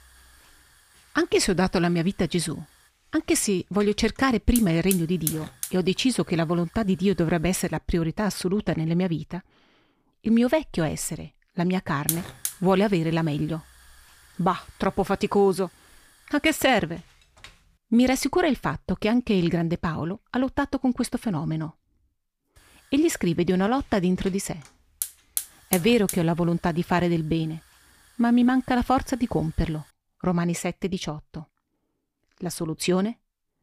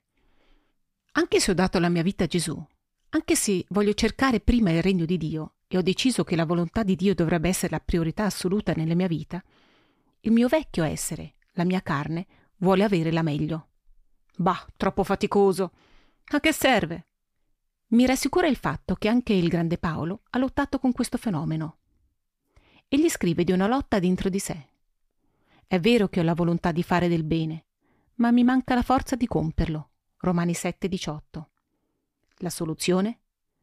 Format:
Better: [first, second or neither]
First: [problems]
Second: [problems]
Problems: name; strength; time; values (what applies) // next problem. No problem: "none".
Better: second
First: hiss; loud; until 8 s, from 12 to 18 s and from 23 to 30 s; 7 dB below the speech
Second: none